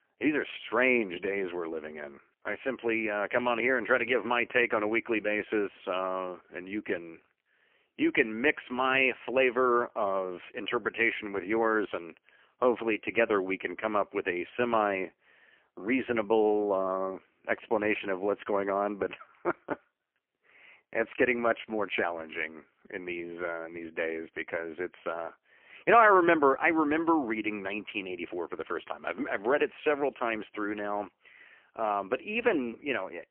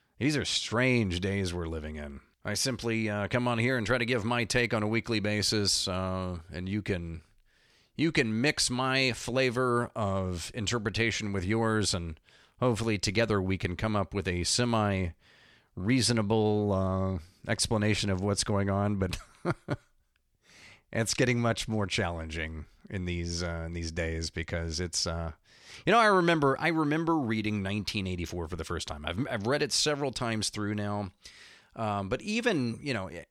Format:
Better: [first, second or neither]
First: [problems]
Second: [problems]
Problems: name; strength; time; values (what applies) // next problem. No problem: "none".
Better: second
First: phone-call audio; poor line; nothing above 3 kHz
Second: none